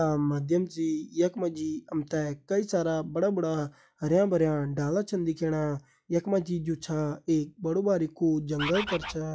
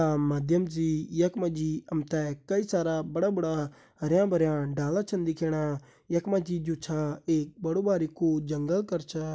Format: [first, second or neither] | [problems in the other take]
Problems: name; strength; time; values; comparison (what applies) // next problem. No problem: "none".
second | noise reduction (classical method log-MMSE)